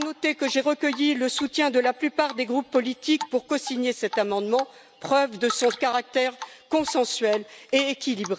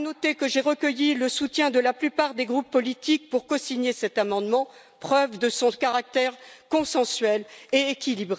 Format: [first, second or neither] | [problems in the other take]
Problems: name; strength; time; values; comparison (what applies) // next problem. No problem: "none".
second | background sound (Drip); 16 dB below the speech